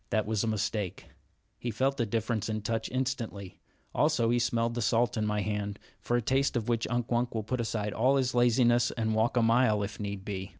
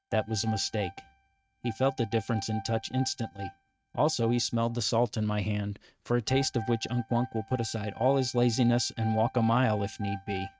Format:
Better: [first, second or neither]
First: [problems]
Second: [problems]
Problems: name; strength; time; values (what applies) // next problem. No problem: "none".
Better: first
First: none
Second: noise reduction (neural mask model RNNoise)